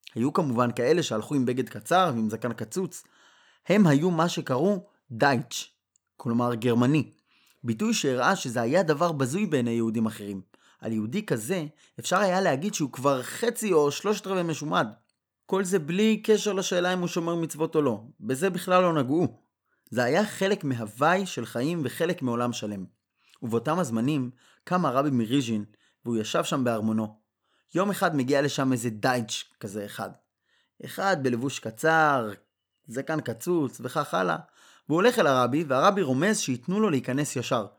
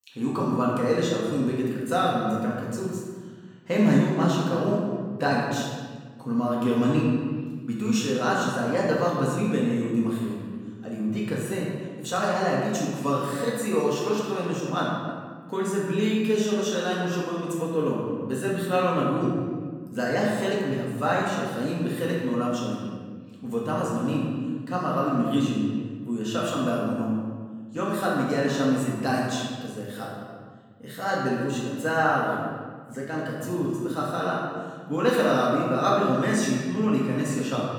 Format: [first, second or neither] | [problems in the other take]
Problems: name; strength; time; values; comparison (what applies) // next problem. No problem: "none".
first | room echo; noticeable; dies away in 1.5 s // off-mic speech; far